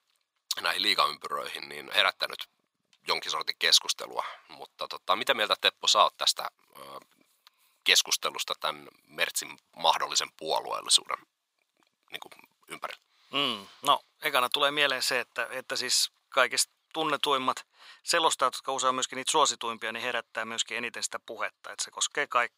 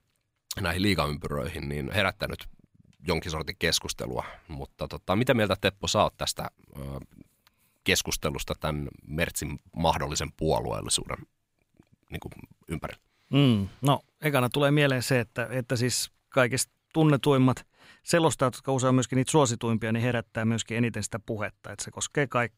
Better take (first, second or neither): second